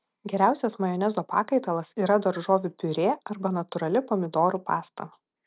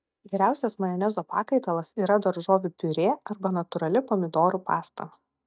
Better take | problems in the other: first | noise reduction (neural mask model DeepFilterNet 3)

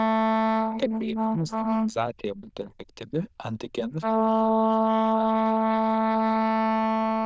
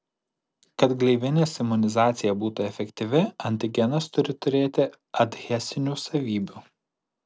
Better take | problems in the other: second | noise reduction (neural diffusion model UNIVERSE++)

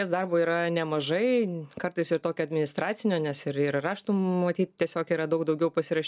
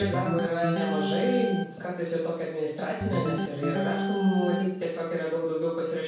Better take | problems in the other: first | background sound (Organ); 3 dB below the speech // room echo; dies away in 0.7 s

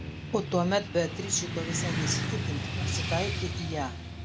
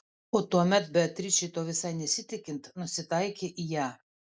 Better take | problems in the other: second | background sound (Motorcycle / Traffic noise, roadway noise); 1 dB below the speech

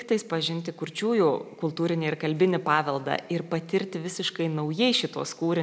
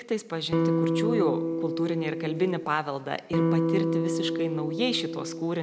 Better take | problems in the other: first | background sound (Electric guitar); 3 dB above the speech

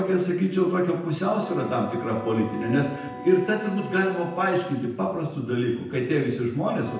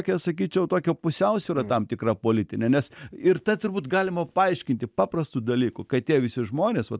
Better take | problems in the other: second | background sound (Wind instrument, woodwind instrument); 16 dB below the speech // room echo; dies away in 0.9 s

